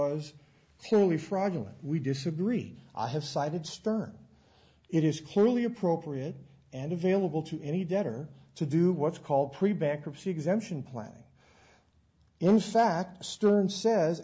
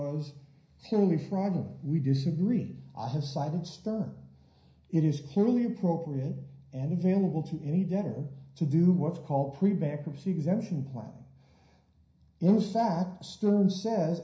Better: first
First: none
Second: room echo; dies away in 0.5 s

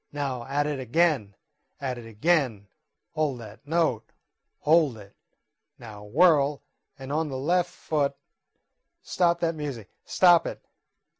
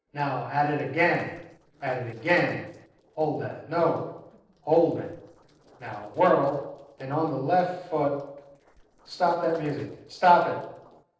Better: first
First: none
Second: noise reduction (neural separator model SepFormer DNS4)

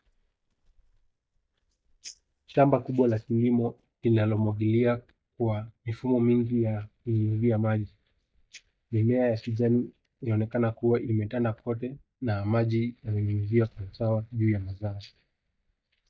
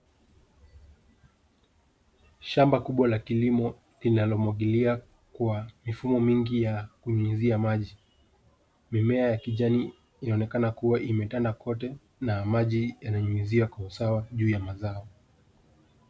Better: second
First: noise reduction (neural mask model DeepFilterNet 3)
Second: none

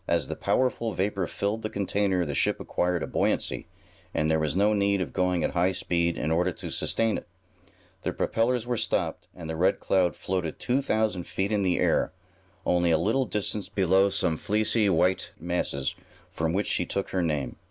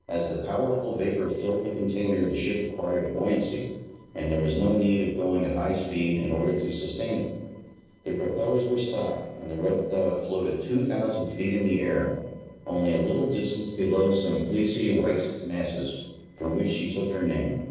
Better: first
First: none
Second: noise reduction (neural separator model SepFormer DNS4)

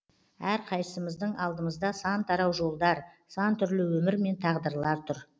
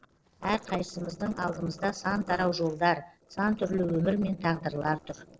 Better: first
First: none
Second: noise reduction (neural separator model SepFormer DNS4)

